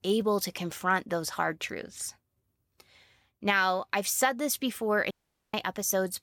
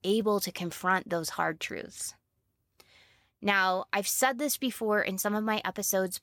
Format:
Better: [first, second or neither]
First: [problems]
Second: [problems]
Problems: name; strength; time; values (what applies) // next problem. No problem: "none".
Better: second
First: audio cutting out; at 5 s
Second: none